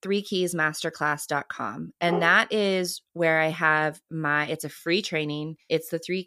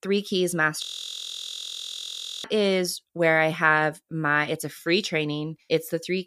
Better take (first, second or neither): first